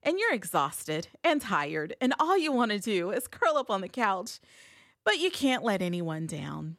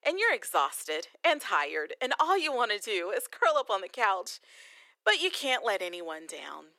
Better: first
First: none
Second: thin; very; fading below 400 Hz

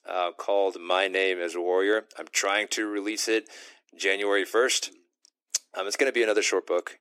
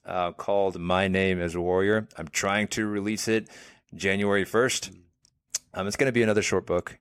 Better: second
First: thin; somewhat; fading below 300 Hz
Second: none

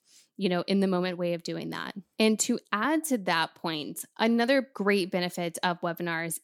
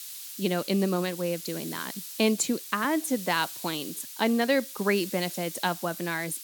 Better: first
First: none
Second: hiss; loud; throughout; 10 dB below the speech

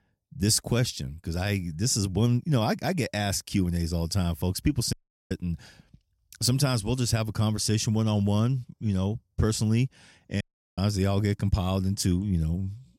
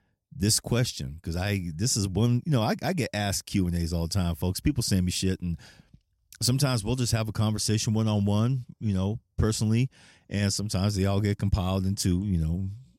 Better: second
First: audio cutting out; at 5 s and at 10 s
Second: none

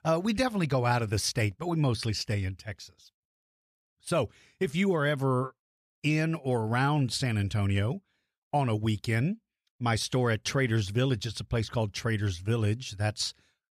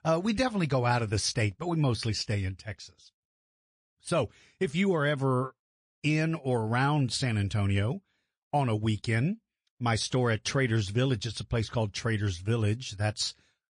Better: first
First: none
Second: garbled, watery; slightly

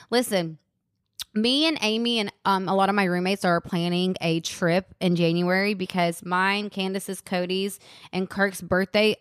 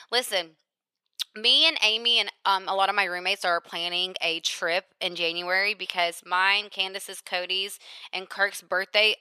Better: first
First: none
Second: thin; very; fading below 650 Hz

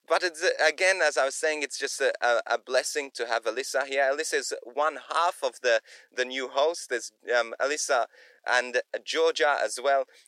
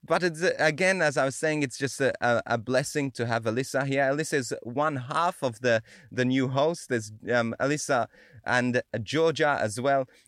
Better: second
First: thin; very; fading below 400 Hz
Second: none

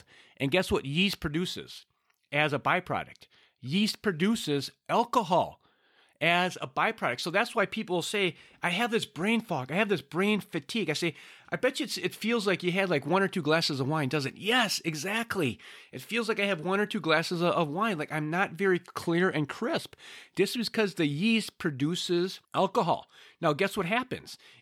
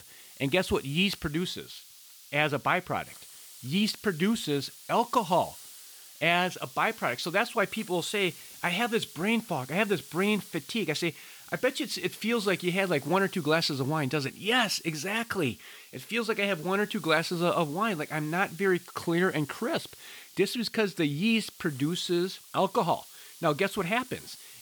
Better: first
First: none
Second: hiss; noticeable; throughout; 20 dB below the speech

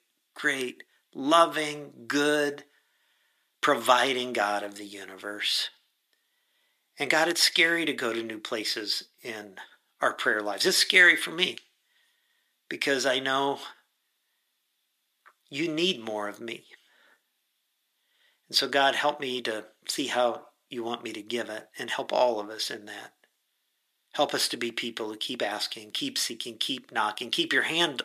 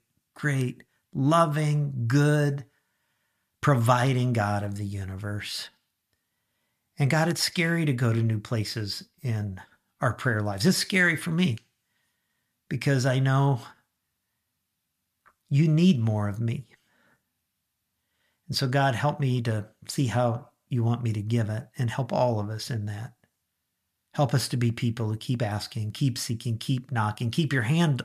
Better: second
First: thin; very; fading below 350 Hz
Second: none

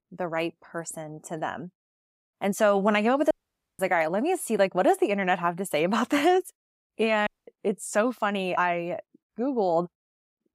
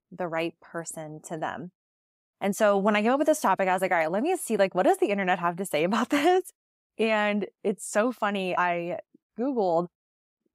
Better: second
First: audio cutting out; at 3.5 s and at 7.5 s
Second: none

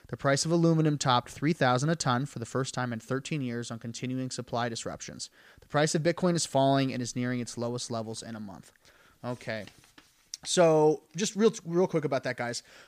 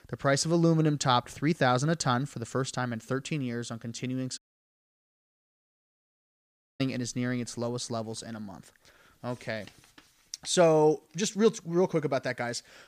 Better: first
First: none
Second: audio cutting out; at 4.5 s for 2.5 s

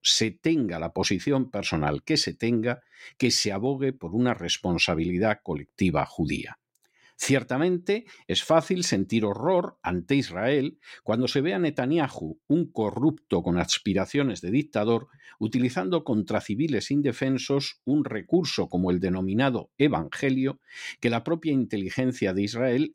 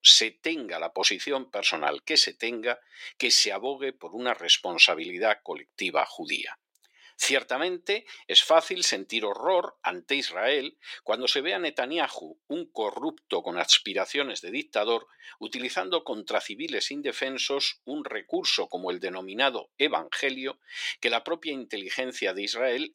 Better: first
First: none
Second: thin; very; fading below 450 Hz

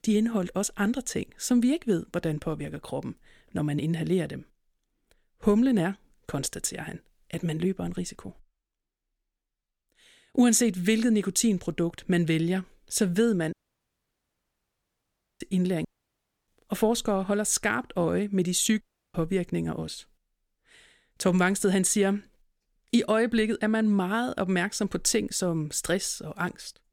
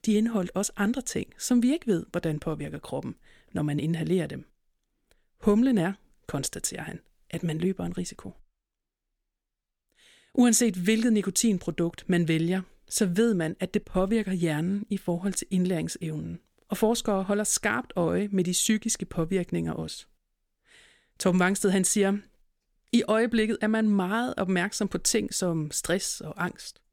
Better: second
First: audio cutting out; at 14 s for 2 s, at 16 s for 0.5 s and at 19 s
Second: none

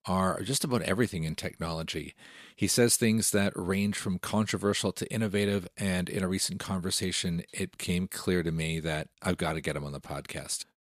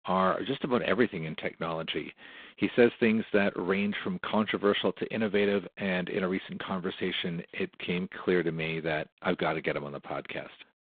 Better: first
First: none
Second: phone-call audio; poor line; nothing above 3.5 kHz

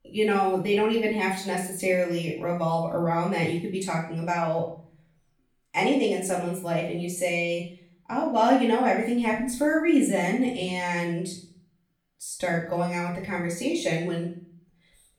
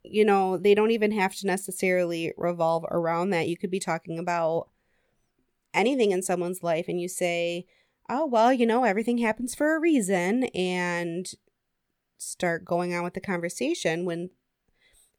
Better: second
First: room echo; noticeable; dies away in 0.5 s // off-mic speech; far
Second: none

